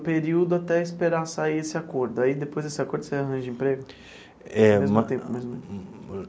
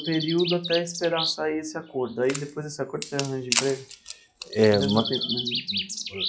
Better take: first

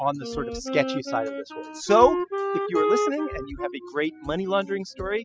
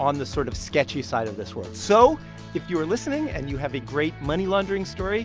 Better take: second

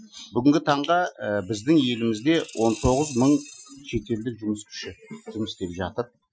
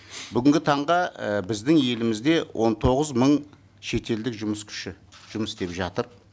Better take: second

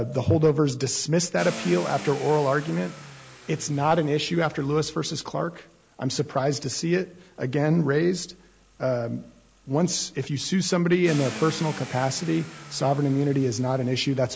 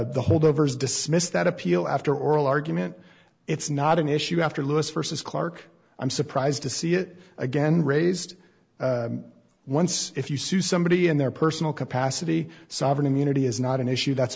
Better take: second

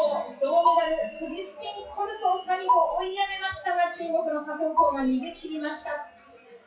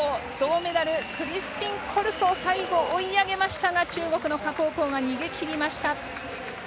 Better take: second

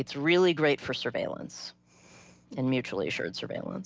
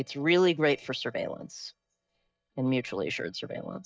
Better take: first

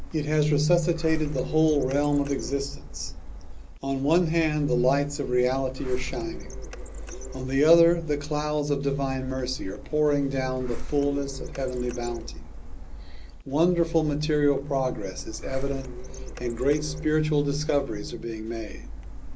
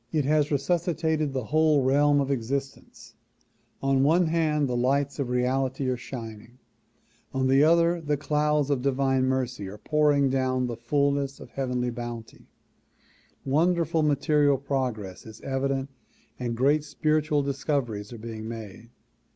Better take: second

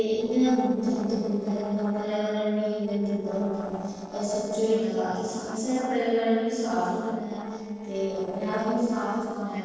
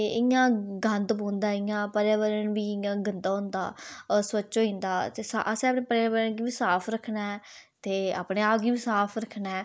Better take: second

